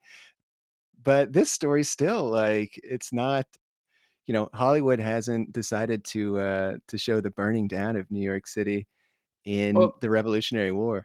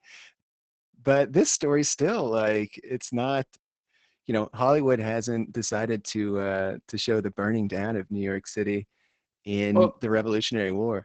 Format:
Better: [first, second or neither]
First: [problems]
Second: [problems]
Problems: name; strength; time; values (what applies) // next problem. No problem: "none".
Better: first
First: garbled, watery; slightly; nothing above 18.5 kHz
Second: garbled, watery; badly; nothing above 7.5 kHz